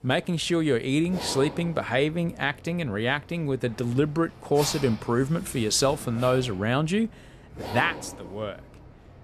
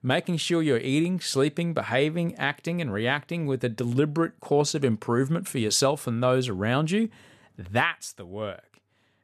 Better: second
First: household noises; noticeable; throughout; 15 dB below the speech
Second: none

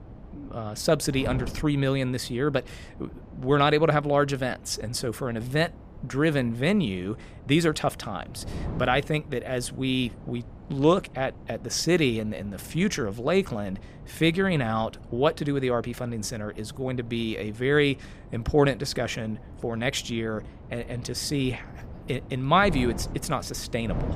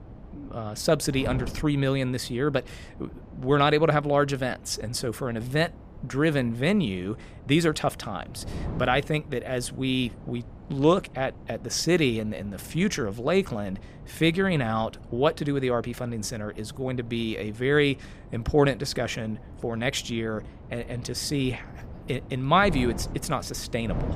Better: neither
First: wind noise on the microphone; occasional gusts; 20 dB below the speech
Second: wind noise on the microphone; occasional gusts; 20 dB below the speech

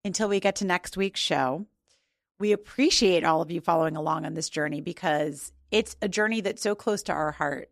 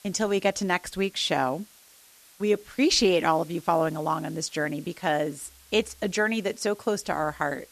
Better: first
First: none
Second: hiss; faint; throughout; 25 dB below the speech

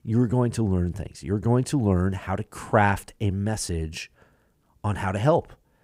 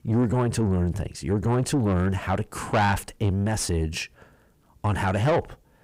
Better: first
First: none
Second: distortion; heavy; 6 dB below the speech

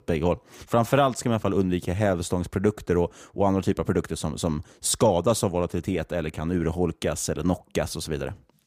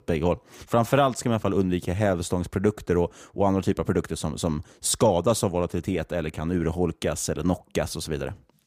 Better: neither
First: none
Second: none

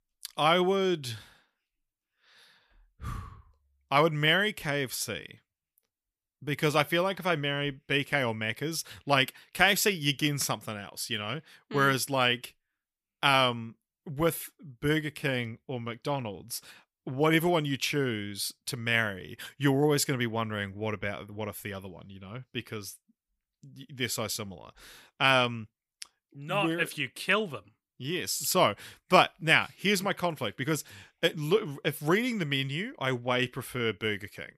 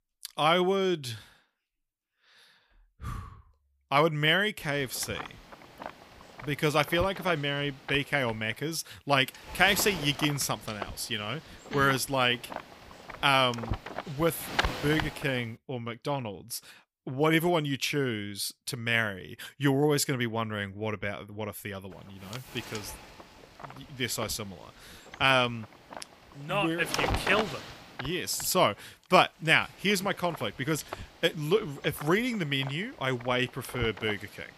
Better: first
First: none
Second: wind noise on the microphone; occasional gusts; from 4.5 to 16 s and from 22 s on; 10 dB below the speech

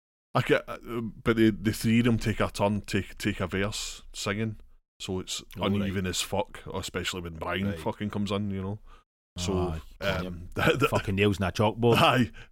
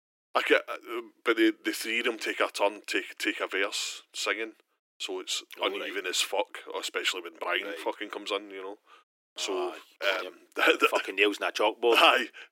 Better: first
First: none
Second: thin; very; fading below 300 Hz

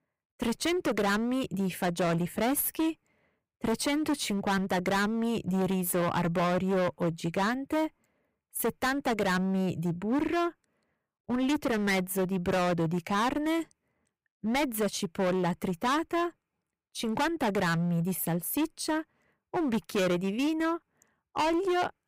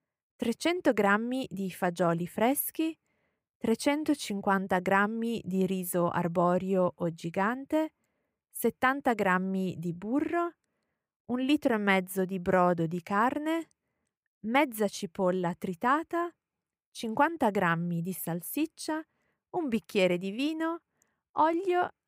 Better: second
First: distortion; heavy; 19% of the sound clipped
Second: none

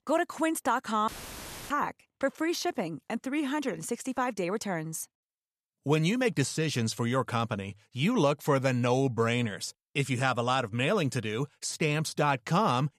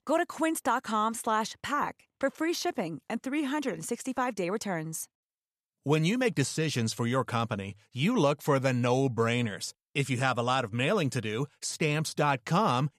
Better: second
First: audio cutting out; filled with static; at 1 s for 0.5 s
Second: none

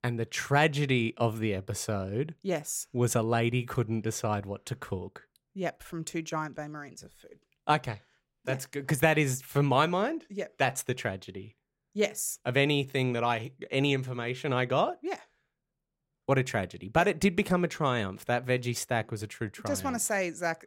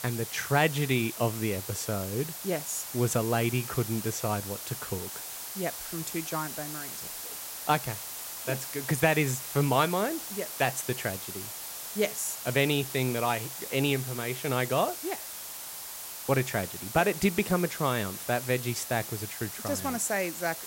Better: first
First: none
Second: hiss; loud; throughout; 7 dB below the speech

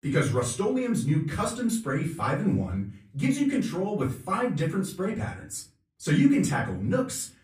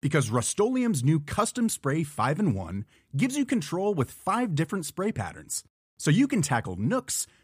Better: second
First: off-mic speech; far // room echo; slight; dies away in 0.4 s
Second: none

